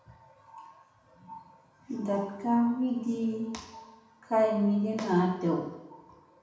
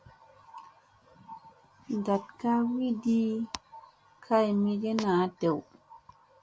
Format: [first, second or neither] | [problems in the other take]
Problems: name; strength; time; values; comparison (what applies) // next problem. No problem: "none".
second | room echo; dies away in 0.9 s